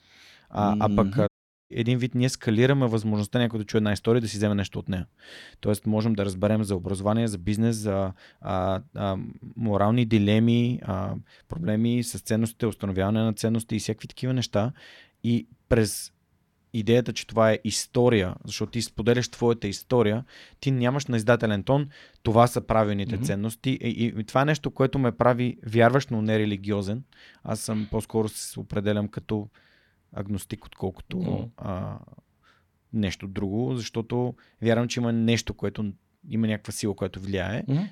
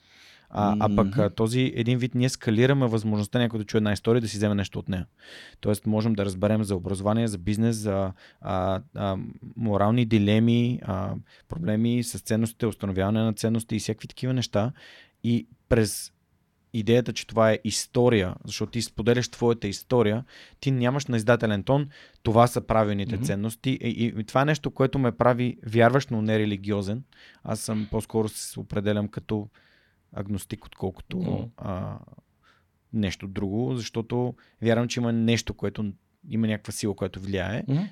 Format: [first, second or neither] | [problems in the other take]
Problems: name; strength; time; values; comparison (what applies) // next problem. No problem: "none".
second | audio cutting out; at 1.5 s